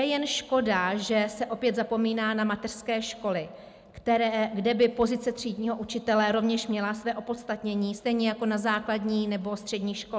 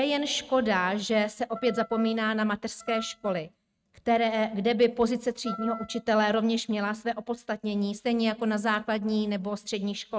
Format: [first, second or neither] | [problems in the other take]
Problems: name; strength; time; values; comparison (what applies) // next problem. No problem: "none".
first | noise reduction (neural mask model RNNoise)